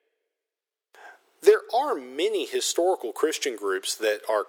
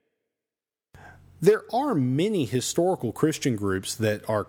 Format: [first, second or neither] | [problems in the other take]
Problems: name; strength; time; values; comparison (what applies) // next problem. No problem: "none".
second | thin; very; fading below 400 Hz